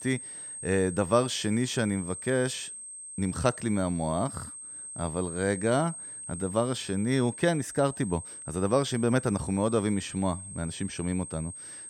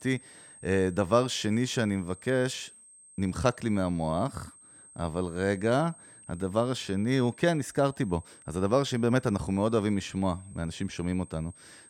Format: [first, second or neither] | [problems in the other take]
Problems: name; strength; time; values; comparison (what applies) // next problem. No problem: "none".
second | high-pitched whine; loud; throughout; 8.5 kHz, 10 dB below the speech; faint in the second